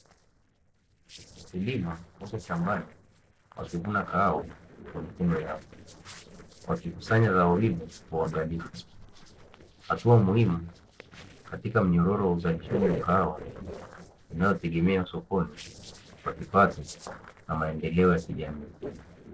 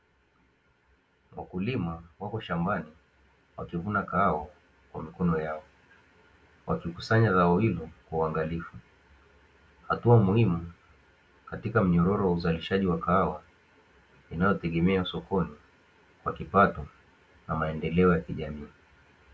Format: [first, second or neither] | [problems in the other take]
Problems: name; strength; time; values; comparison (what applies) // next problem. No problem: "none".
second | noise reduction (neural separator model SepFormer DNS4)